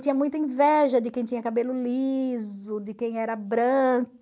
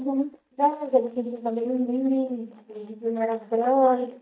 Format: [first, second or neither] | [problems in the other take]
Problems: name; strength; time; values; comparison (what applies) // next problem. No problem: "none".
first | noise reduction (neural mask model DeepFilterNet 3)